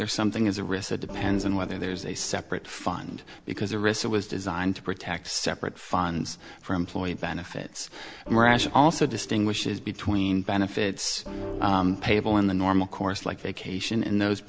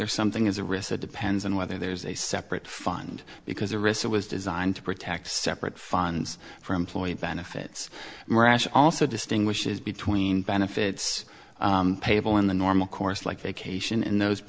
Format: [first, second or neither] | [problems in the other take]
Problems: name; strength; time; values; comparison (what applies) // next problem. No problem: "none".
second | background sound (Organ); 12 dB below the speech